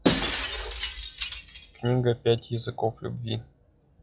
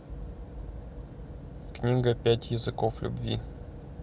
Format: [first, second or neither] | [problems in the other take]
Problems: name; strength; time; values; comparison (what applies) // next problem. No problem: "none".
second | noise reduction (classical method log-MMSE)